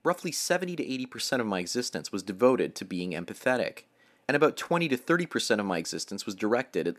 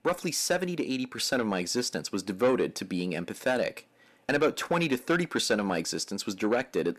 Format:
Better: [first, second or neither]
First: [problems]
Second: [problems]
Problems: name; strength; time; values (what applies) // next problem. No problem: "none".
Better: first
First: none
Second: distortion; slight; 10 dB below the speech